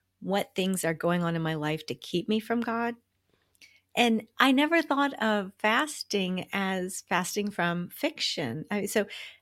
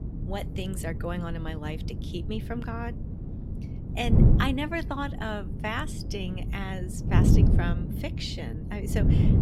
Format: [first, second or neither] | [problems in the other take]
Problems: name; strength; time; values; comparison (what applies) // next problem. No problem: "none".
first | wind noise on the microphone; heavy; 4 dB below the speech